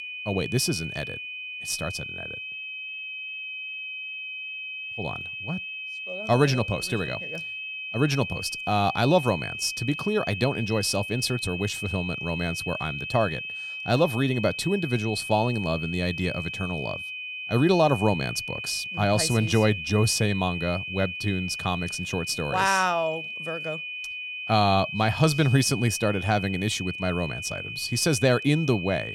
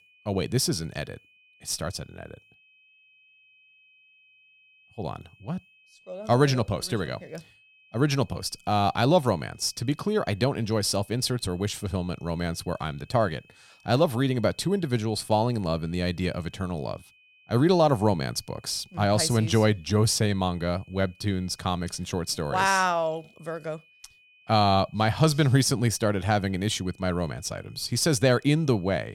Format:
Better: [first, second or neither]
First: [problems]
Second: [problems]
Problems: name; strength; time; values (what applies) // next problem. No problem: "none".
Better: second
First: high-pitched whine; loud; throughout; 2.5 kHz, 7 dB below the speech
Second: high-pitched whine; faint; throughout; 2.5 kHz, 30 dB below the speech